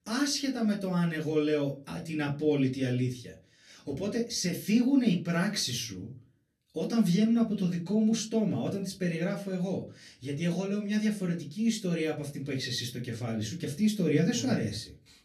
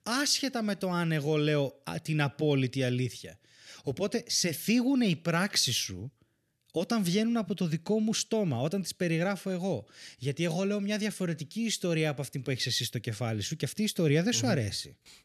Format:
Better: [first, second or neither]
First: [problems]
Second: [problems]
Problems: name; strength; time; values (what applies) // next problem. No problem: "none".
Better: second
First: off-mic speech; far // room echo; very slight; dies away in 0.3 s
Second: none